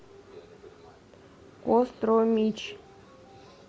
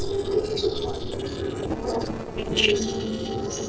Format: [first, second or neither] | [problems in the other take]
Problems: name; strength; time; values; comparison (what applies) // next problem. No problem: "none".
first | noise reduction (neural separator model SepFormer DNS4)